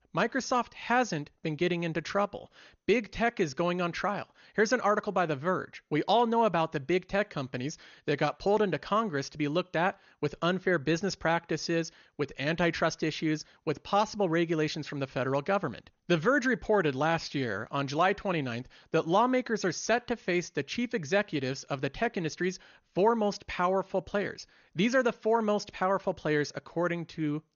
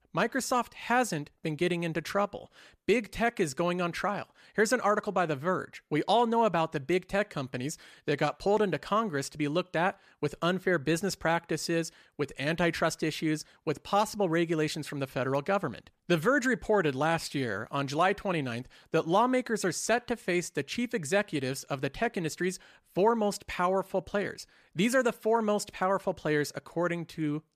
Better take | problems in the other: second | garbled, watery; slightly; nothing above 6.5 kHz

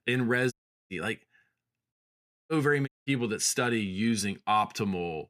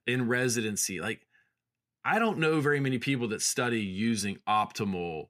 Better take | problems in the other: second | audio cutting out; at 0.5 s, at 2 s for 0.5 s and at 3 s

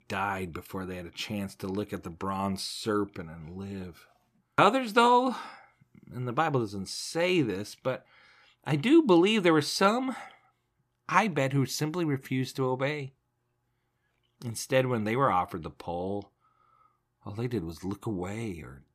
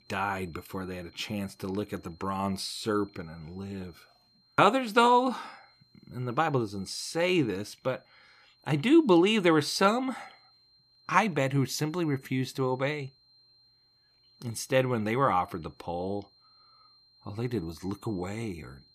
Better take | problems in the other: first | high-pitched whine; faint; throughout; 4 kHz, 30 dB below the speech

